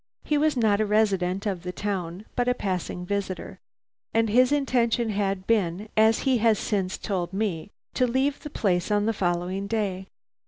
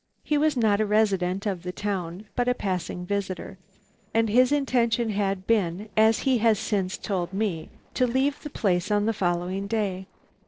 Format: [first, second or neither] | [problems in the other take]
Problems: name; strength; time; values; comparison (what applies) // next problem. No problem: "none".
first | noise reduction (neural separator model SepFormer DNS4)